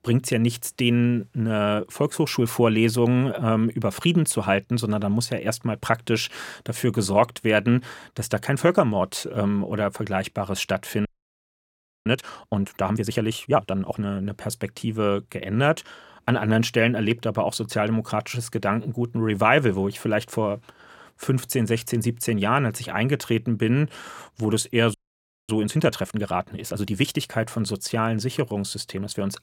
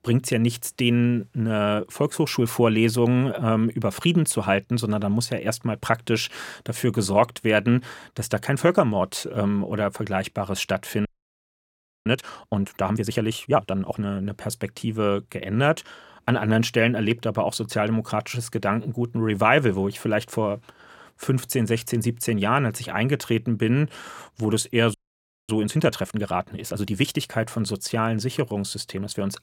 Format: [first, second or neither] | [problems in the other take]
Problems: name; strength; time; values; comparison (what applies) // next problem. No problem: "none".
neither | audio freezing; at 11 s for 1 s and at 25 s for 0.5 s; the same in both